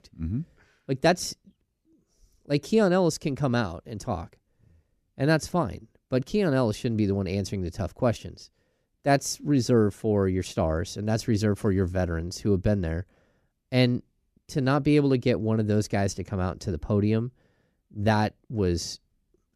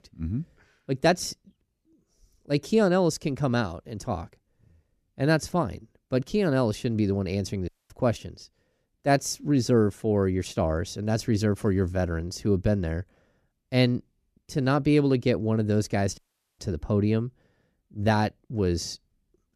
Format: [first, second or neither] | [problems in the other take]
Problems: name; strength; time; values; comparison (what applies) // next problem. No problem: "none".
first | audio cutting out; at 7.5 s and at 16 s